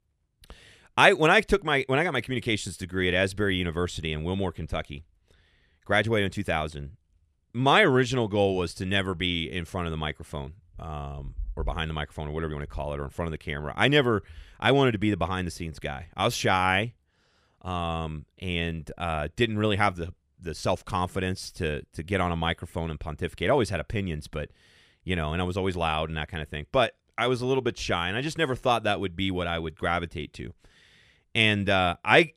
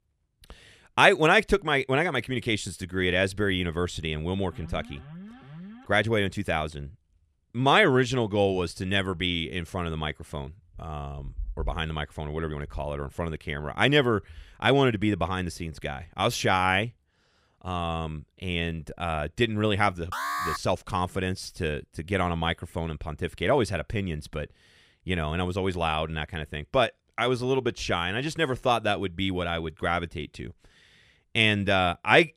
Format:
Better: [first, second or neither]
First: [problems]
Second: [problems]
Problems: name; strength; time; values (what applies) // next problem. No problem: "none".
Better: first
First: none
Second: alarm; faint; from 4.5 to 6 s; peak 15 dB below the speech // alarm; noticeable; at 20 s; peak 2 dB below the speech